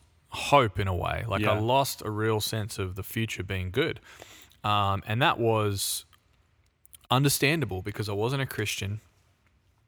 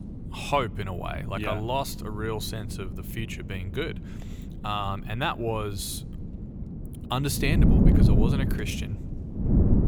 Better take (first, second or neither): first